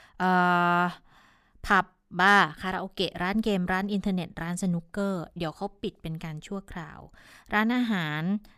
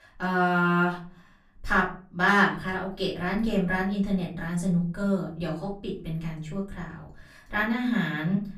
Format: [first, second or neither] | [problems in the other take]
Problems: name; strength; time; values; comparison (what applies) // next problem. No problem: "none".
first | off-mic speech; far // room echo; slight; dies away in 0.4 s